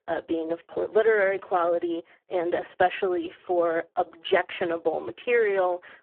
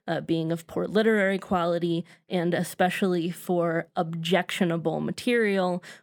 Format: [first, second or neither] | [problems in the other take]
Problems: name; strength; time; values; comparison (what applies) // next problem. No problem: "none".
second | phone-call audio; poor line